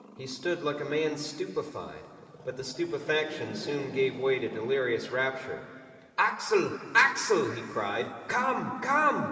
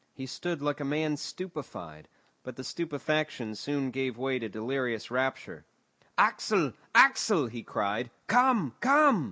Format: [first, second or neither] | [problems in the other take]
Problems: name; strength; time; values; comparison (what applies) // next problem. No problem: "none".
second | background sound (Growling); 19 dB below the speech // room echo; dies away in 2.3 s